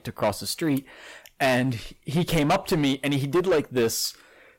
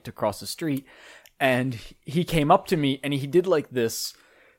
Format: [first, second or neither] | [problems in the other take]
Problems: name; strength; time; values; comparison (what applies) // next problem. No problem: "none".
second | distortion; heavy; 9% of the sound clipped